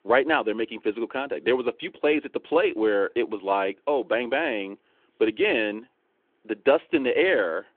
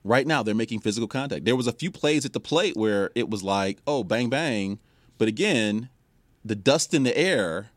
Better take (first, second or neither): second